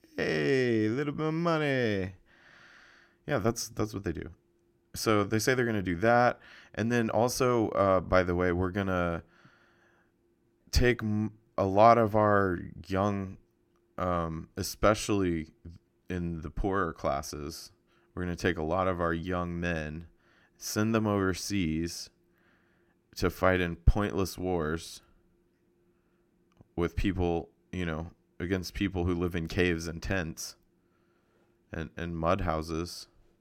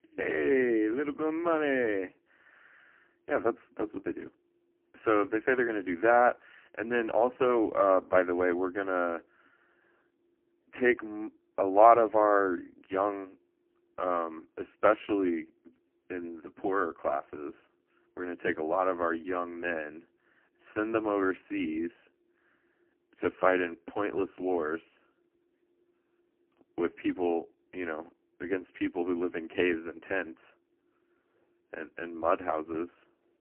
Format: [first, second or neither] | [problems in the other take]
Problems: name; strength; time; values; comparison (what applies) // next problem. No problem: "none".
first | phone-call audio; poor line; nothing above 3 kHz